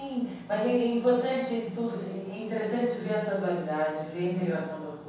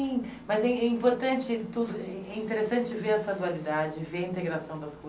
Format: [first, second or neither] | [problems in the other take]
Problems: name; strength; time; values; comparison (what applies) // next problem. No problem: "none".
second | room echo; dies away in 0.7 s